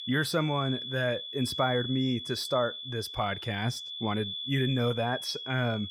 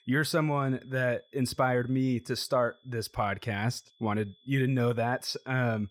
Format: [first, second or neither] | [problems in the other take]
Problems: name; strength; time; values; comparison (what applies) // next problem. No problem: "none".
second | high-pitched whine; loud; throughout; 3.5 kHz, 6 dB below the speech; faint in the second